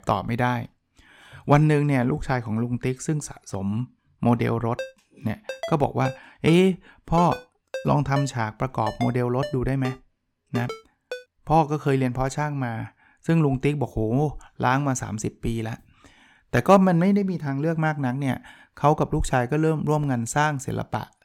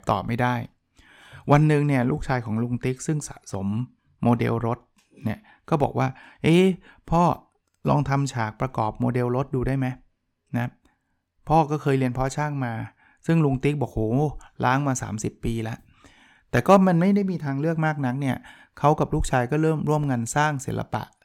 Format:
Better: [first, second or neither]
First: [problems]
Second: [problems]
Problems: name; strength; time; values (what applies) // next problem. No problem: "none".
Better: second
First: phone ringing; noticeable; from 5 to 11 s; peak 10 dB below the speech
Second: none